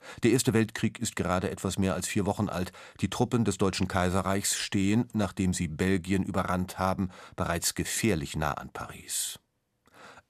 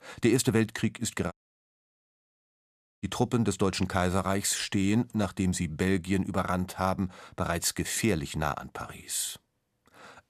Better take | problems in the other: first | audio cutting out; at 1.5 s for 1.5 s

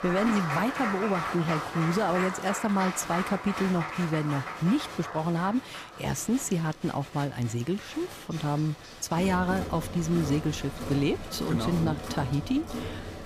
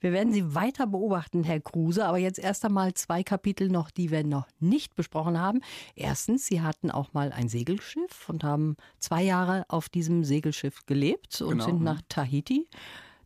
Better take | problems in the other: second | crowd noise; loud; throughout; 7 dB below the speech

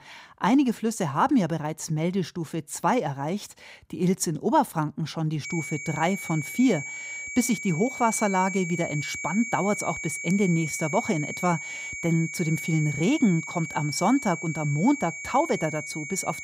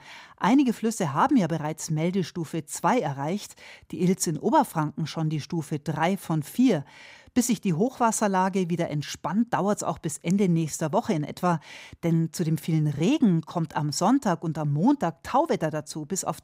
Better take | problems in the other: second | high-pitched whine; loud; from 5.5 s on; 2.5 kHz, 7 dB below the speech

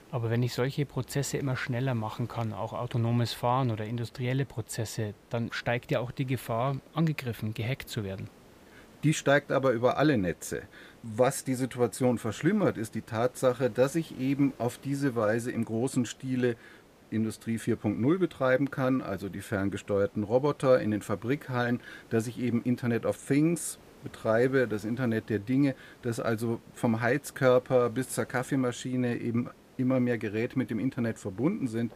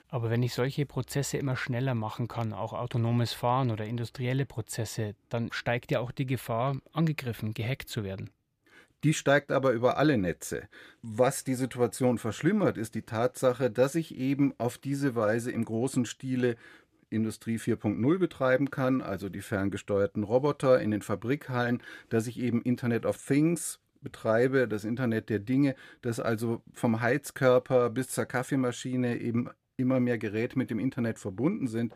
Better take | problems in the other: second | hiss; faint; throughout; 25 dB below the speech

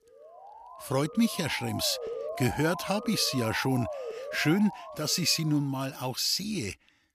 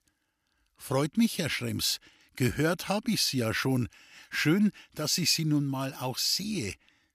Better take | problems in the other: second | siren; noticeable; until 6 s; peak 7 dB below the speech

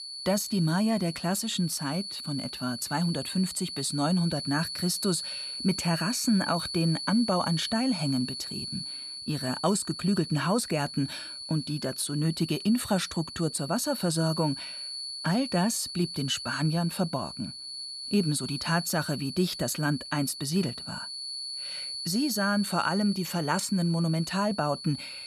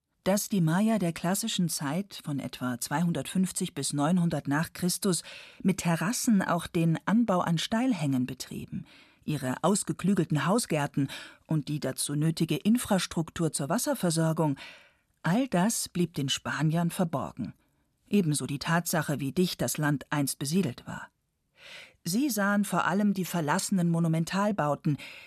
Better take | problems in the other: second | high-pitched whine; loud; throughout; 4.5 kHz, 7 dB below the speech

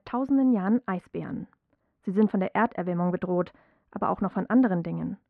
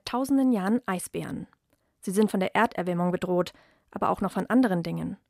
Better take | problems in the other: second | muffled; very; fading above 1.5 kHz

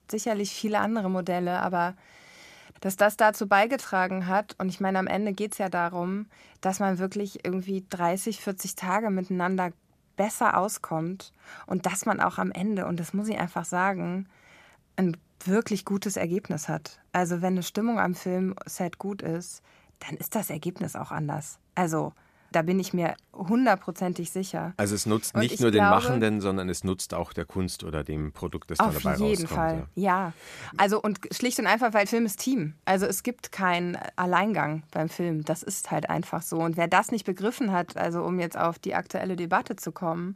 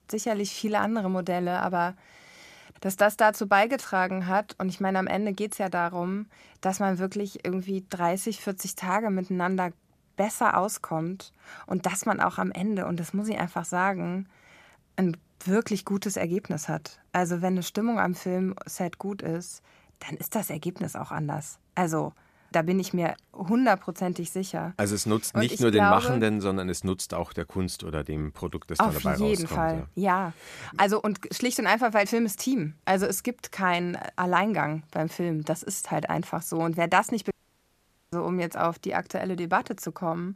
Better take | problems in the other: first | audio cutting out; at 37 s for 1 s

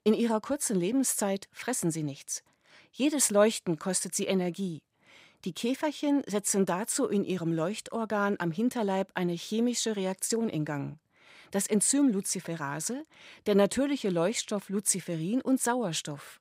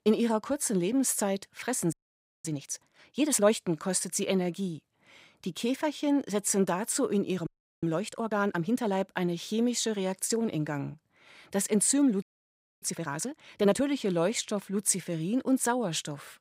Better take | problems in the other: first | audio freezing; at 2 s for 0.5 s, at 7.5 s and at 12 s for 0.5 s

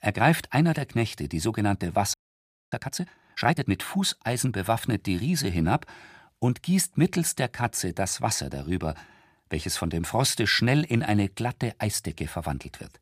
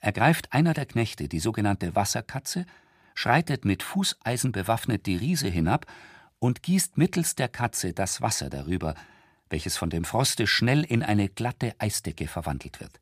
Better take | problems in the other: second | audio freezing; at 2 s for 0.5 s

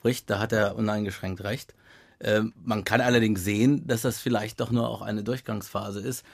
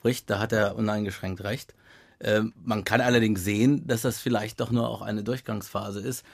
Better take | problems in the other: neither | none

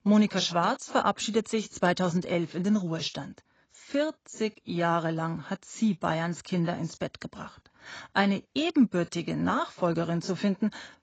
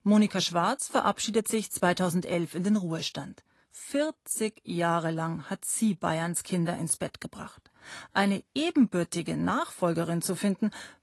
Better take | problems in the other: second | garbled, watery; badly; nothing above 8 kHz; slightly in the second

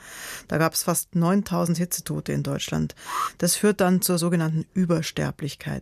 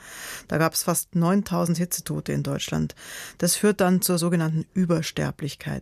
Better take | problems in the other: second | alarm; noticeable; at 3 s; peak 5 dB below the speech

